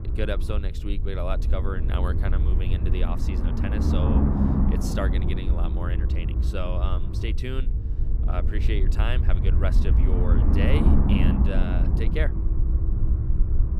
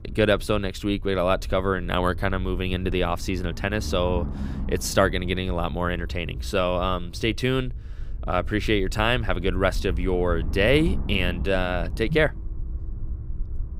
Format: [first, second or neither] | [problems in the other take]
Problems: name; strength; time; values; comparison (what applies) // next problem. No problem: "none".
second | low rumble; loud; throughout; 2 dB below the speech; faint in the second